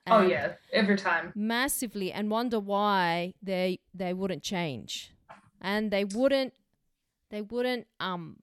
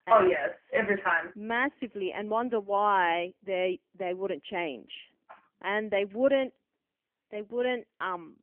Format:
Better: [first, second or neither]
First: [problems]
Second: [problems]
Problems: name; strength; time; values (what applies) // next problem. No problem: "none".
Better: first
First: none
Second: phone-call audio; poor line; nothing above 3 kHz